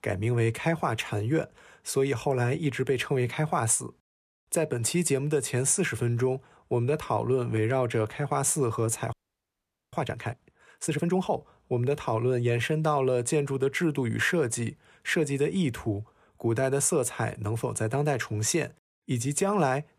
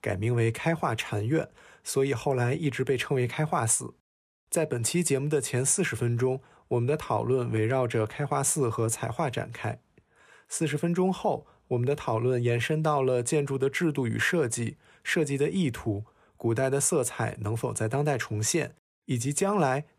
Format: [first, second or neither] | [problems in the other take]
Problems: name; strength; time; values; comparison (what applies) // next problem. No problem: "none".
second | audio freezing; at 9 s for 1 s